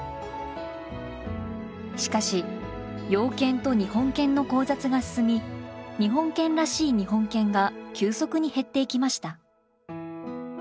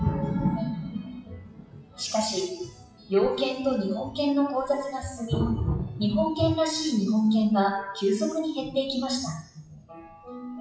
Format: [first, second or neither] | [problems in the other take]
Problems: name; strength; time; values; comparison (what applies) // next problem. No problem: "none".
first | noise reduction (classical method WPE with log-MMSE)